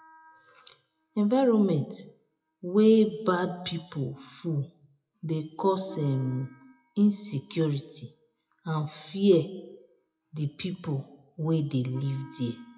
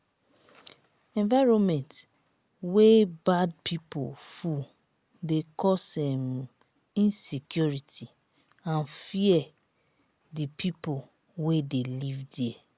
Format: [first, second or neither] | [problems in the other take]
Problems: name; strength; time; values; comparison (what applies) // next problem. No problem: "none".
second | noise reduction (classical method WPE with log-MMSE)